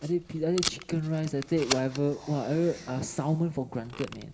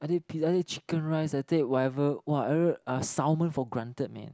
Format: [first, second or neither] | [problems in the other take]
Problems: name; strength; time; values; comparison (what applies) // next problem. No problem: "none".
second | background sound (Packing tape, duct tape); 10 dB below the speech // room echo; dies away in 2.1 s